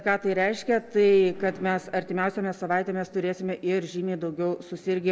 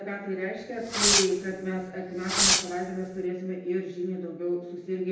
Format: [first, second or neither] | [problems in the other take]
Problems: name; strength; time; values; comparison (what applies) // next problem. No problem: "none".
first | background sound (Fireworks); 4 dB above the speech // room echo; dies away in 0.8 s